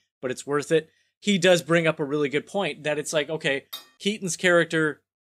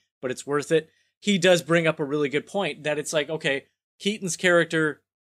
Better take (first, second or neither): second